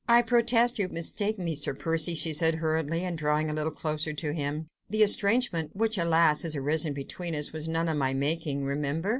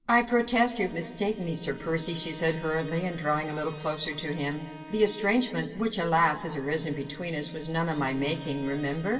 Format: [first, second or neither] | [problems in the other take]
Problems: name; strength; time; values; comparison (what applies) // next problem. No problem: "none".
first | background sound (Bowed string instrument); 20 dB below the speech // room echo; dies away in 2 s